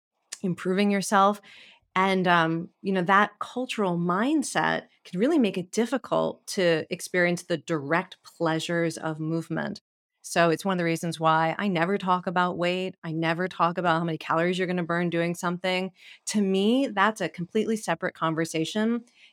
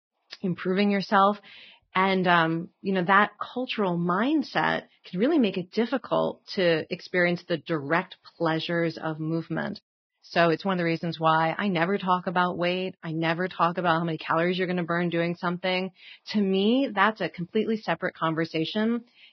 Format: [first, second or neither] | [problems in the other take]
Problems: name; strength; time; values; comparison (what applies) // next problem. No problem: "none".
first | garbled, watery; badly; nothing above 5.5 kHz